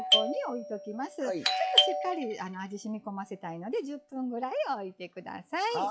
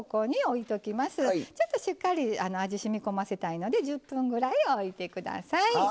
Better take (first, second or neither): second